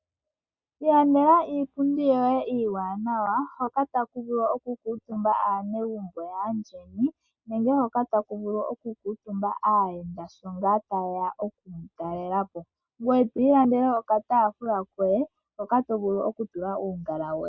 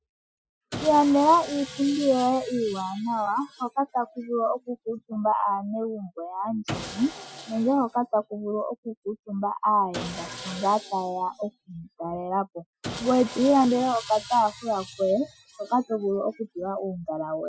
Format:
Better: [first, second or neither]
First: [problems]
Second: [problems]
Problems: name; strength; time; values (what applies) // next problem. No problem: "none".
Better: first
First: none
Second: noise reduction (classical method Wiener filter)